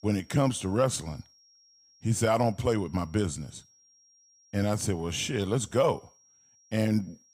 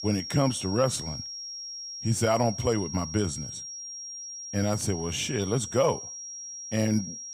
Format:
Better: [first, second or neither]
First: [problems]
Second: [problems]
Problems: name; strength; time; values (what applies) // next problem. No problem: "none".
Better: first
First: high-pitched whine; faint; throughout; 5.5 kHz, 30 dB below the speech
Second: high-pitched whine; loud; throughout; 5.5 kHz, 8 dB below the speech